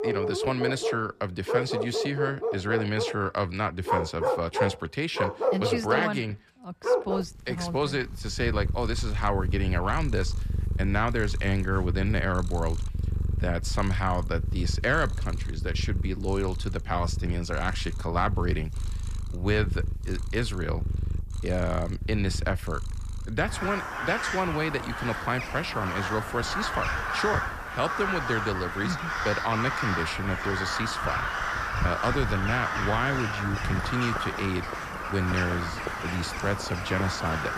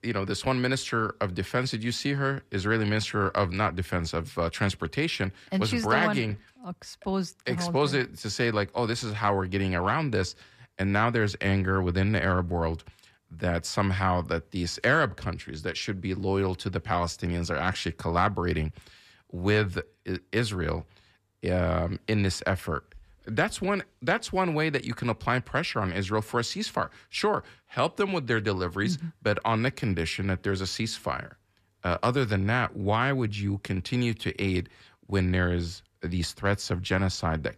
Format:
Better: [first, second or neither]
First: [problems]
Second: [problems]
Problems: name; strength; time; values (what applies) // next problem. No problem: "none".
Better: second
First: animal sounds; loud; throughout; 1 dB below the speech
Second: none